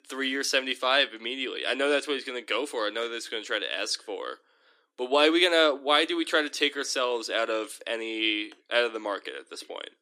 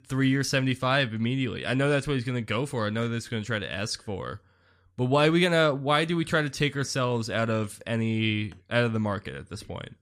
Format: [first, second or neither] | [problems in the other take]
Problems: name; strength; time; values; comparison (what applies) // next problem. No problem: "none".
second | thin; somewhat; fading below 300 Hz